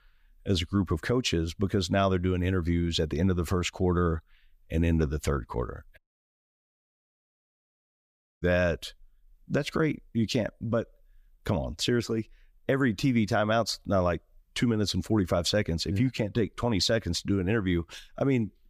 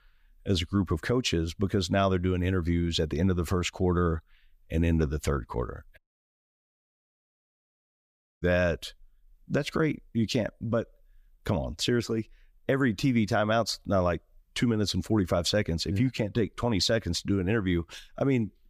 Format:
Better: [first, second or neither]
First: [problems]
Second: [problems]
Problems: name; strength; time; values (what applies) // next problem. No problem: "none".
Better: neither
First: audio cutting out; at 6 s for 2.5 s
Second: audio cutting out; at 6 s for 2.5 s